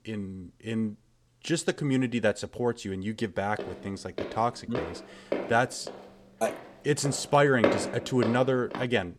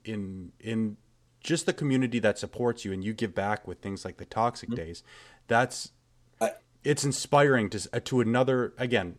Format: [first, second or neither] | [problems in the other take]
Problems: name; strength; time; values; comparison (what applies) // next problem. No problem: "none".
second | footsteps; loud; from 3.5 s on; peak 3 dB above the speech